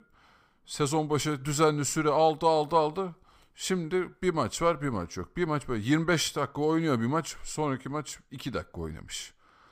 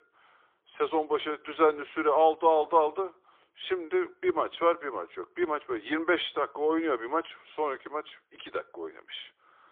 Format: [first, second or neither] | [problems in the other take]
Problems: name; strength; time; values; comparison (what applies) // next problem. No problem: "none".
first | phone-call audio; poor line; nothing above 3.5 kHz